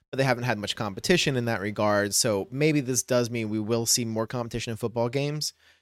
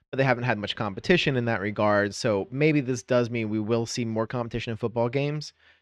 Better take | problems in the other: first | muffled; slightly; fading above 3 kHz

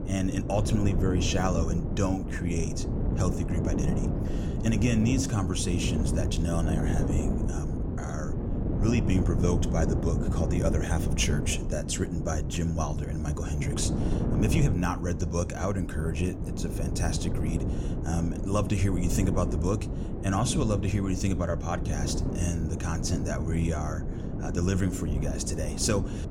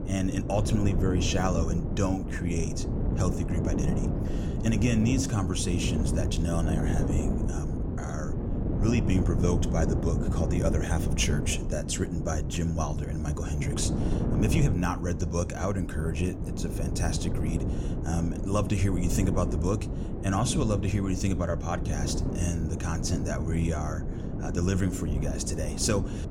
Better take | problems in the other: neither | wind noise on the microphone; heavy; 5 dB below the speech; the same in both

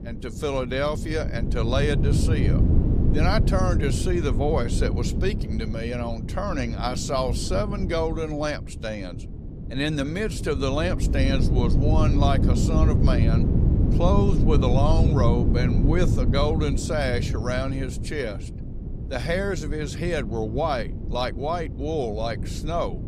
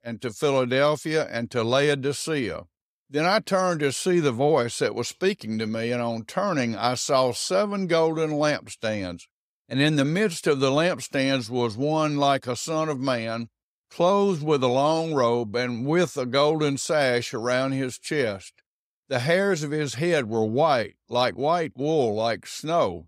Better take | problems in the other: second | wind noise on the microphone; heavy; 7 dB below the speech

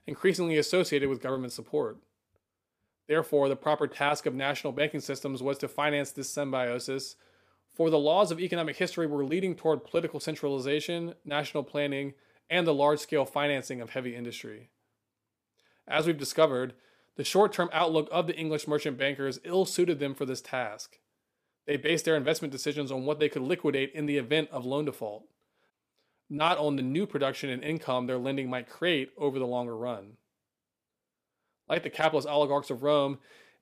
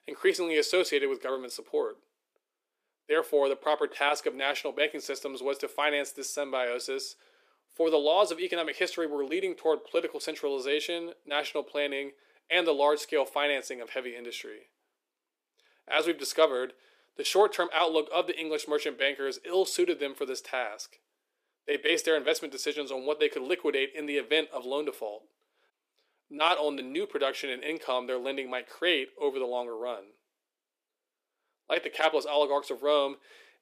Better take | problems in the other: first | thin; somewhat; fading below 350 Hz

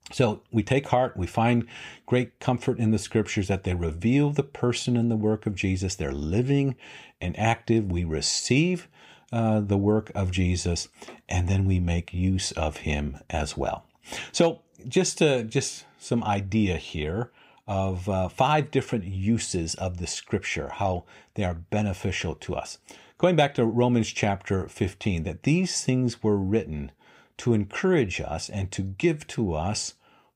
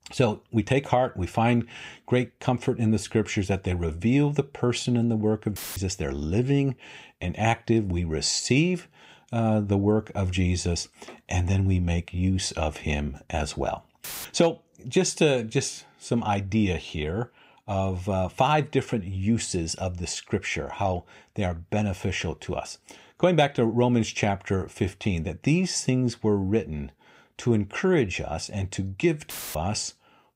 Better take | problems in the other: first | audio cutting out; filled with static; at 5.5 s, at 14 s and at 29 s

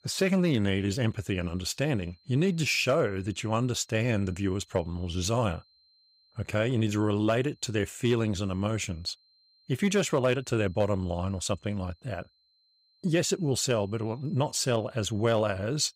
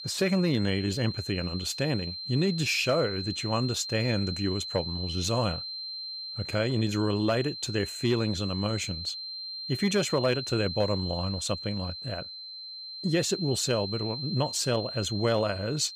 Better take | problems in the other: first | high-pitched whine; loud; throughout; 4 kHz, 6 dB below the speech; faint in the first

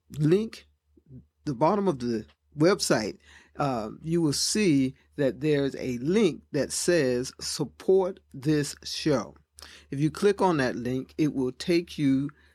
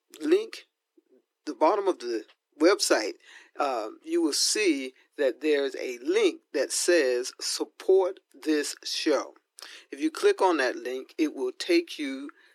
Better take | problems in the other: first | thin; somewhat; fading below 300 Hz

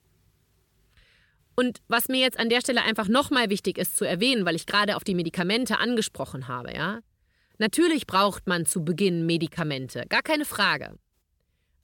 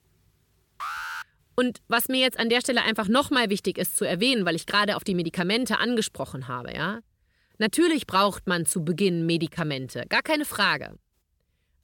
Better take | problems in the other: first | alarm; noticeable; at 1 s; peak 8 dB below the speech

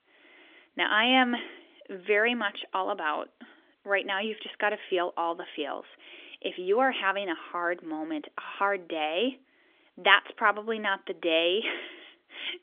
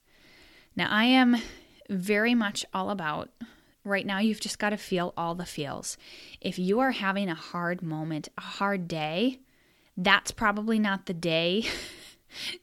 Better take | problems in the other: second | phone-call audio; nothing above 3.5 kHz

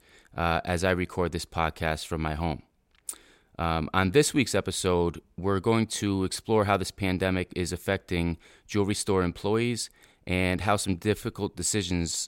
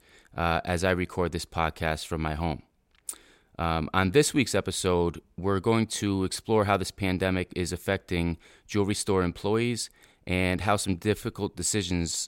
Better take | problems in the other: neither | none

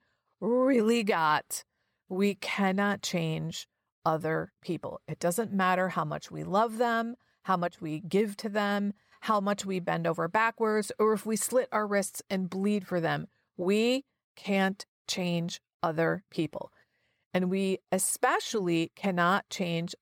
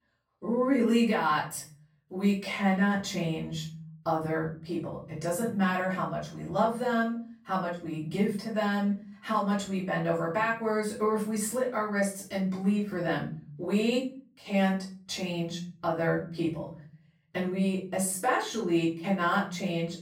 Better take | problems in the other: first | off-mic speech; far // room echo; slight; dies away in 0.6 s

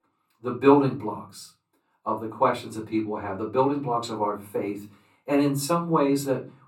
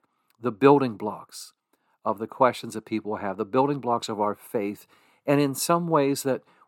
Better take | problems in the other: second | off-mic speech; far // room echo; very slight; dies away in 0.4 s

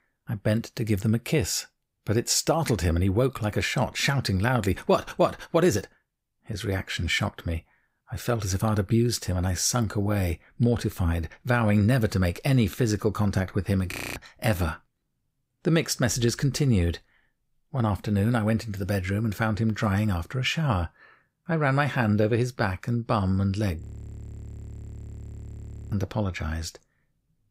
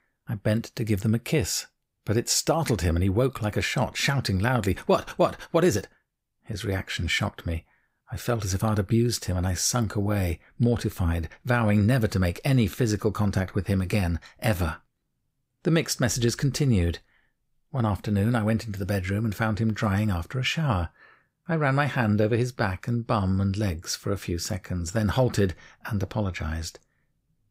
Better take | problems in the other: second | audio freezing; at 14 s and at 24 s for 2 s

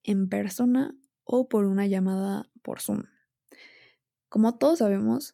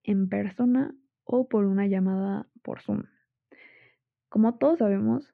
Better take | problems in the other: first | muffled; very; fading above 2.5 kHz

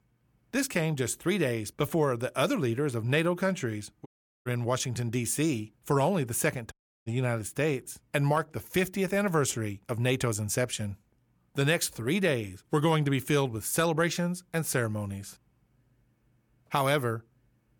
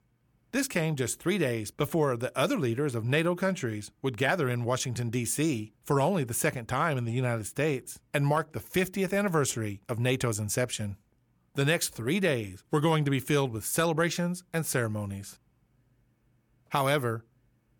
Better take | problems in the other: second | audio cutting out; at 4 s and at 6.5 s

